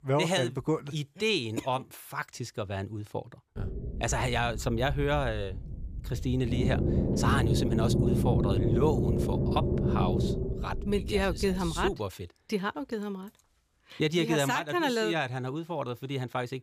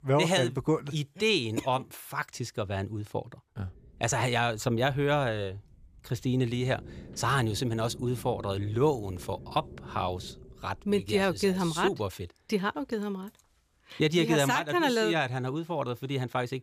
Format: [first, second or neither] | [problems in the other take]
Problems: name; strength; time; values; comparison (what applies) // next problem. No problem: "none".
second | low rumble; loud; from 3.5 to 12 s; 3 dB below the speech; faint in the second